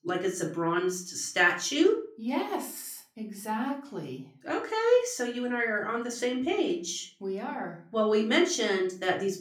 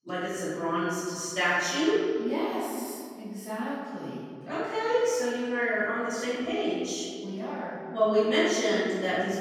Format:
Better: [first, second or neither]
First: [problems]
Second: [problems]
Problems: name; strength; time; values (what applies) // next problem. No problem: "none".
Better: first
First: room echo; slight; dies away in 0.3 s // off-mic speech; far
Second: room echo; strong; dies away in 2.1 s // off-mic speech; far